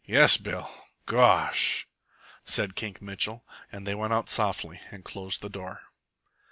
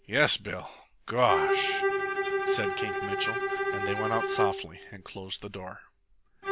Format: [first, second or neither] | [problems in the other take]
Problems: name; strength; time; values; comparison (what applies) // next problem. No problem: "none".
first | background sound (Bowed string instrument); 1 dB above the speech